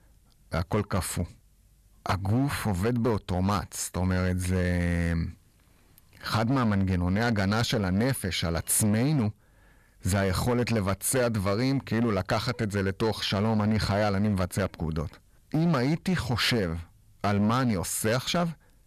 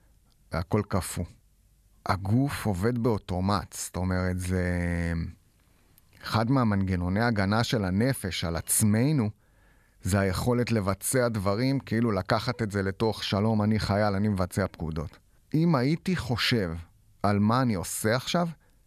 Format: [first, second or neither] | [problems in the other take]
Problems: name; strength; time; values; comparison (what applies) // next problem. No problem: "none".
second | distortion; slight; 10% of the sound clipped